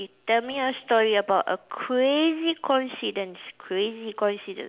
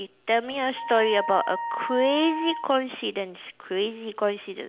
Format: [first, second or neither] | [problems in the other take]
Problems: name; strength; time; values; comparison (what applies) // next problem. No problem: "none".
first | background sound (Wind instrument, woodwind instrument); 8 dB below the speech